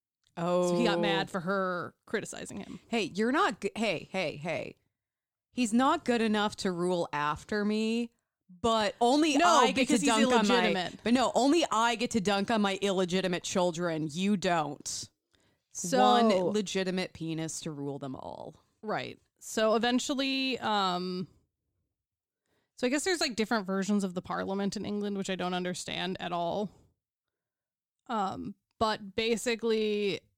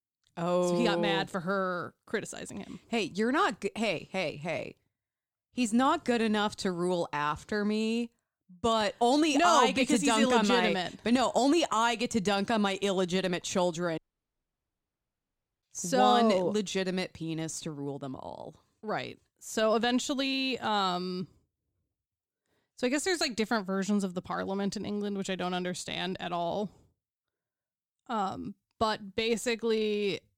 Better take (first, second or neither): first